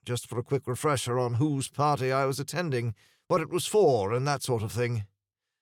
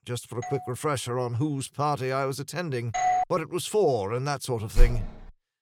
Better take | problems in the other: first | doorbell; faint; at 0.5 s; peak 10 dB below the speech // doorbell; loud; at 3 s; peak 4 dB above the speech // door banging; loud; at 5 s; peak 1 dB above the speech

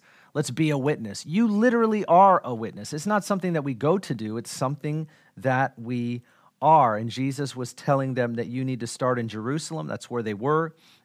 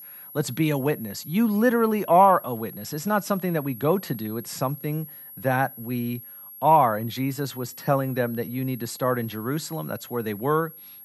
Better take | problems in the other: first | high-pitched whine; noticeable; throughout; 11.5 kHz, 15 dB below the speech

